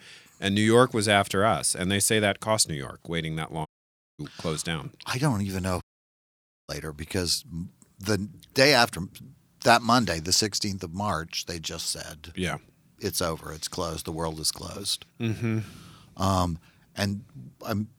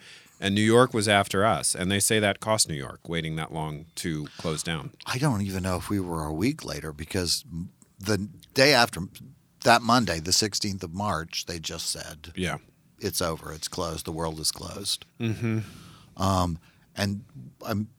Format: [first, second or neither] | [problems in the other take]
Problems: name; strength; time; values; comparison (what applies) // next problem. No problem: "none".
second | audio cutting out; at 3.5 s for 0.5 s and at 6 s for 1 s